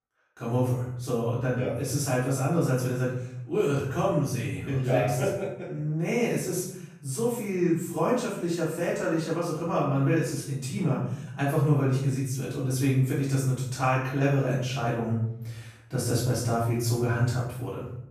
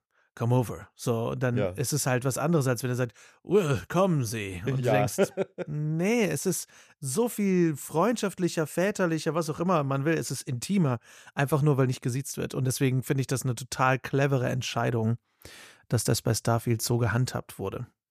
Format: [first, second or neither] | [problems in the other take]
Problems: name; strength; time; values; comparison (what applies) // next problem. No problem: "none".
second | room echo; noticeable; dies away in 0.7 s // off-mic speech; far